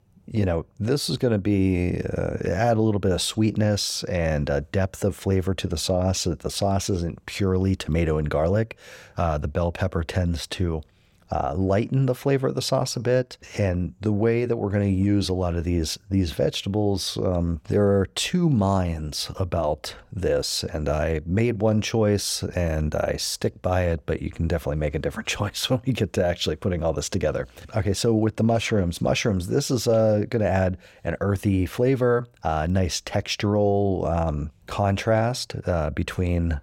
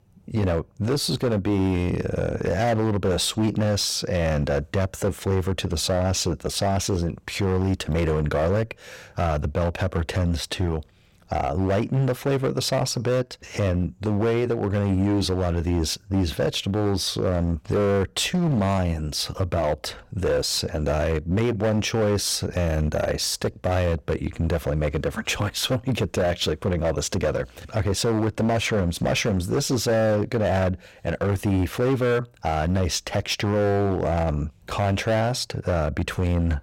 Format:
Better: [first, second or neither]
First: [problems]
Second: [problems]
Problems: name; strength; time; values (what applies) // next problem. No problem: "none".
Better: first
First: none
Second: distortion; slight; 16% of the sound clipped